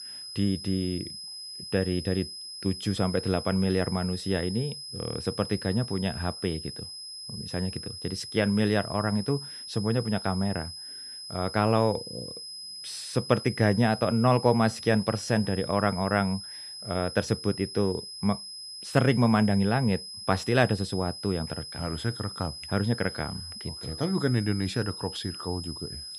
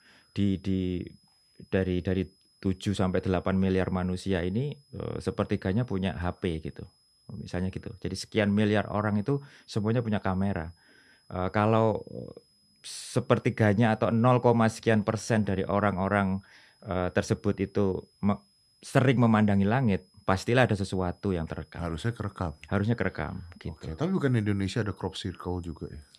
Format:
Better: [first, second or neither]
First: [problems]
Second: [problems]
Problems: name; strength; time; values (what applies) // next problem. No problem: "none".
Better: second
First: high-pitched whine; loud; throughout; 5 kHz, 10 dB below the speech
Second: high-pitched whine; faint; throughout; 5 kHz, 35 dB below the speech